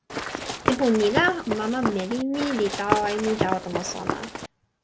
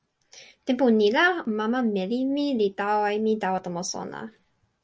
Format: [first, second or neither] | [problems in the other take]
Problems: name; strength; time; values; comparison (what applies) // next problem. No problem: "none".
second | background sound (Run); 3 dB below the speech